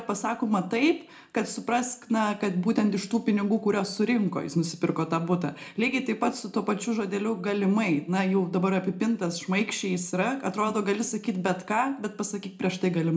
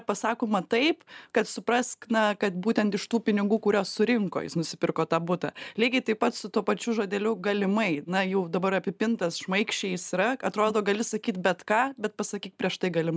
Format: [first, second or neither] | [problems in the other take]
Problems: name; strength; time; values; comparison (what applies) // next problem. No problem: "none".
second | room echo; dies away in 0.4 s